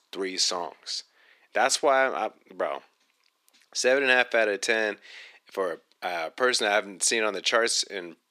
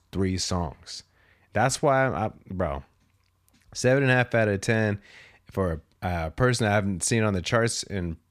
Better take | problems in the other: second | thin; very; fading below 300 Hz

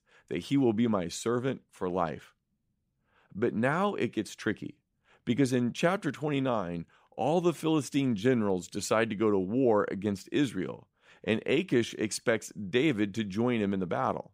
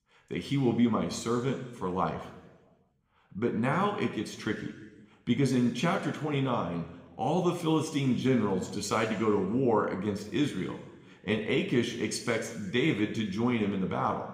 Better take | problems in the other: first | room echo; slight; dies away in 1.1 s

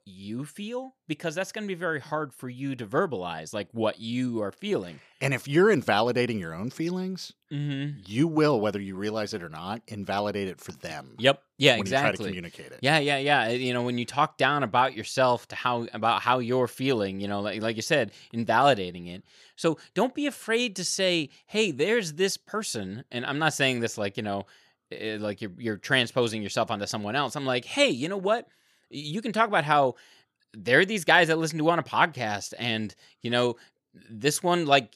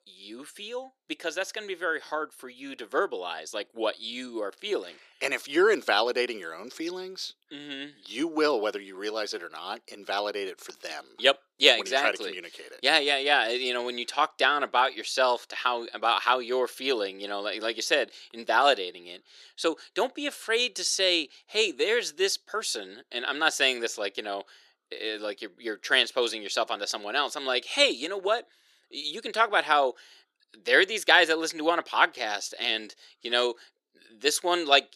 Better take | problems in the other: first | thin; somewhat; fading below 350 Hz

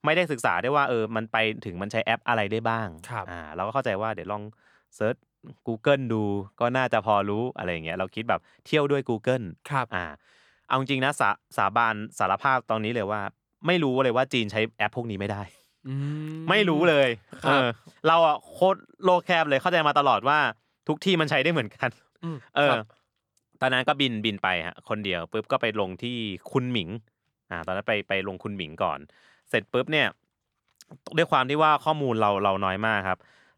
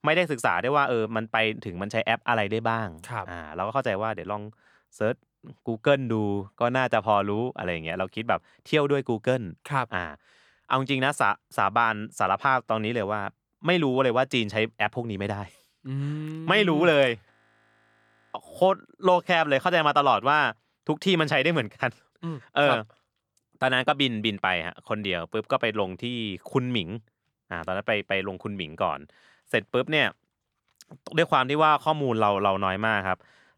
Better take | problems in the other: first | audio freezing; at 17 s for 1 s

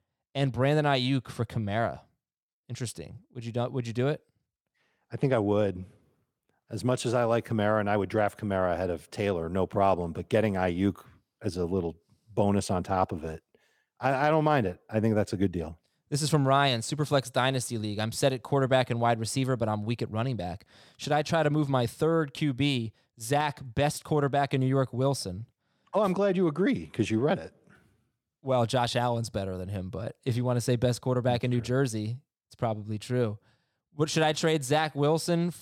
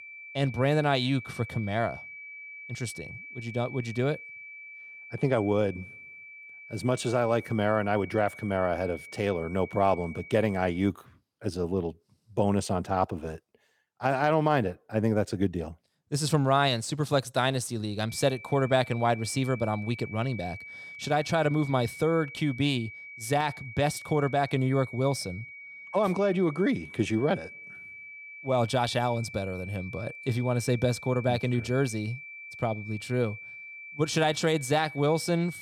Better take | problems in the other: first | high-pitched whine; noticeable; until 11 s and from 18 s on; 2.5 kHz, 15 dB below the speech

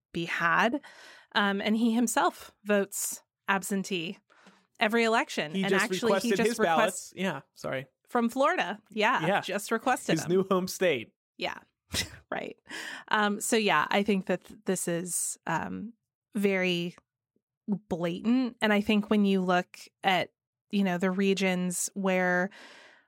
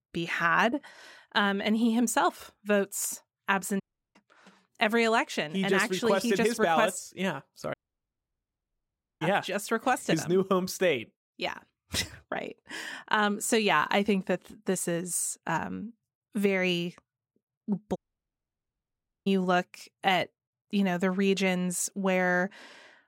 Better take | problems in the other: first | audio cutting out; at 4 s, at 7.5 s for 1.5 s and at 18 s for 1.5 s

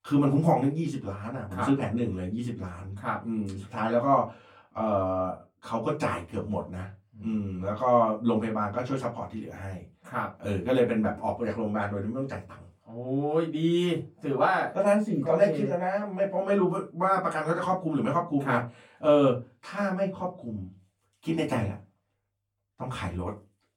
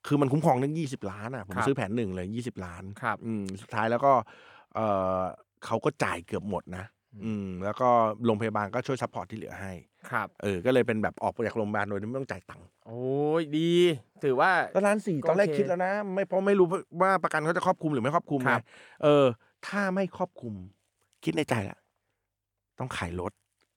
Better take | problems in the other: second | off-mic speech; far // room echo; very slight; dies away in 0.2 s

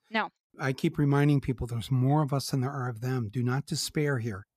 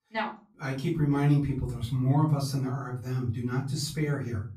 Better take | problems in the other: first | off-mic speech; far // room echo; slight; dies away in 0.4 s

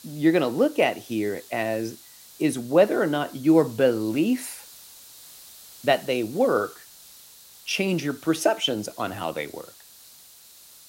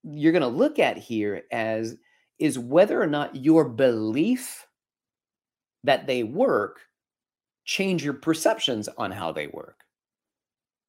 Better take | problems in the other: second | hiss; faint; throughout; 20 dB below the speech

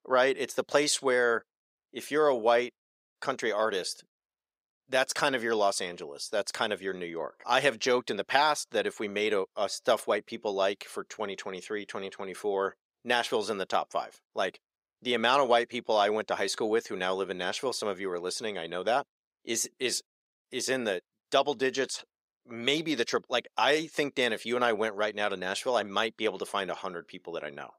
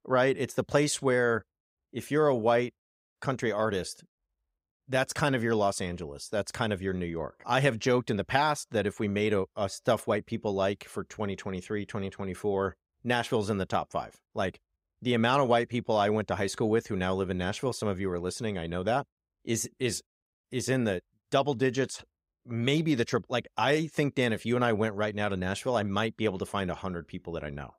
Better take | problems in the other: second | thin; somewhat; fading below 400 Hz

